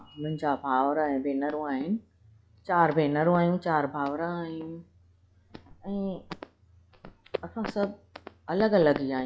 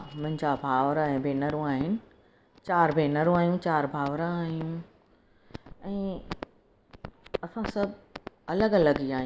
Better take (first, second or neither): second